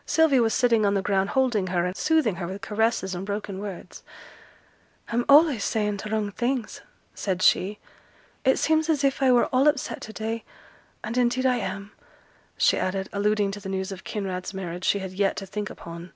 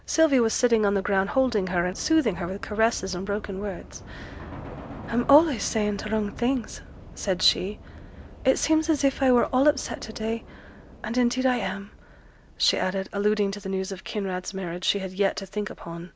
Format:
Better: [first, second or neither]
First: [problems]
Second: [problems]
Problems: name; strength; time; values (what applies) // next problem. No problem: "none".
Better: first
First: none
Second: background sound (Subway, metro, underground / Train); 17 dB below the speech